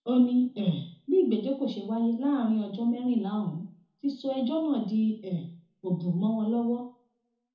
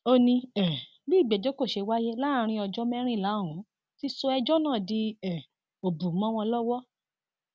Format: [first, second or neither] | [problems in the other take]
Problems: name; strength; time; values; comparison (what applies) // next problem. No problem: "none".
second | room echo; dies away in 0.7 s